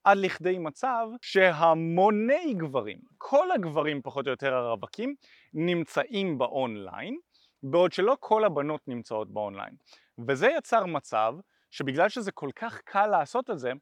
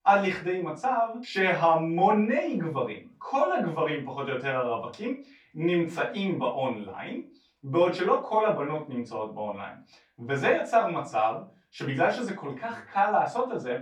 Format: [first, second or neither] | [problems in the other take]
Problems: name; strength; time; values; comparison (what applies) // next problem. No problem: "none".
first | off-mic speech; far // room echo; slight; dies away in 0.3 s